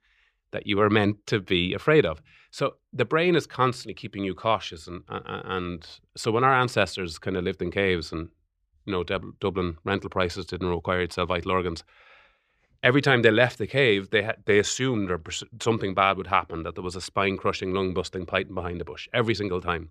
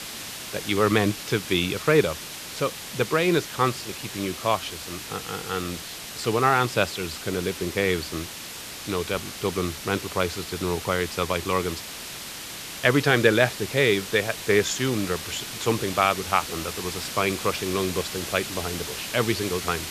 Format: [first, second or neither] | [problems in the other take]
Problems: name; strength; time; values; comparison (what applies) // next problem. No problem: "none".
first | hiss; loud; throughout; 8 dB below the speech